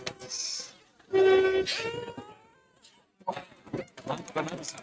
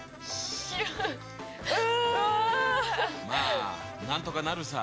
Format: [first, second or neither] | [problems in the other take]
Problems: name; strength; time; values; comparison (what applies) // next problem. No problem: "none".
second | noise reduction (neural mask model RNNoise)